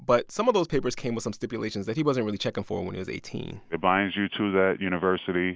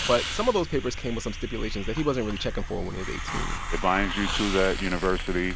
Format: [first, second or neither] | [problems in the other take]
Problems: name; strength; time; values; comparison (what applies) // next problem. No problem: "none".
first | background sound (Hiss); 3 dB below the speech